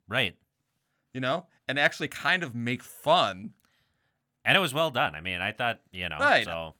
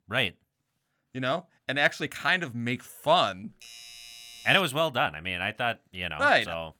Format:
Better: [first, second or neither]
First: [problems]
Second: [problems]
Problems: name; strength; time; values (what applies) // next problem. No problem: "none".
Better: first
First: none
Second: doorbell; faint; from 3.5 to 4.5 s; peak 15 dB below the speech